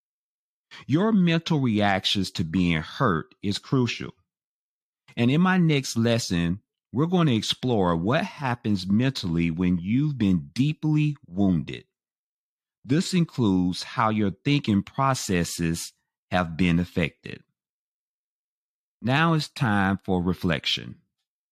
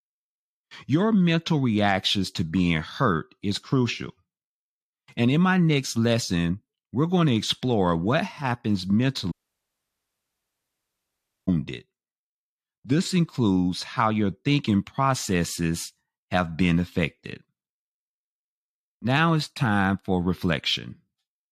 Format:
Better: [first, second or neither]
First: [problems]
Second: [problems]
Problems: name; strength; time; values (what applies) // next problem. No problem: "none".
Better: first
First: none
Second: audio cutting out; at 9.5 s for 2 s